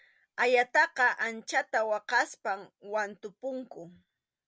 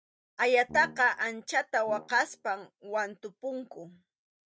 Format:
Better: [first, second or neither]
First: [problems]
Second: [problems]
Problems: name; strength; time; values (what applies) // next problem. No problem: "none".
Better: first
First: none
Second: noise reduction (neural mask model DeepFilterNet 3)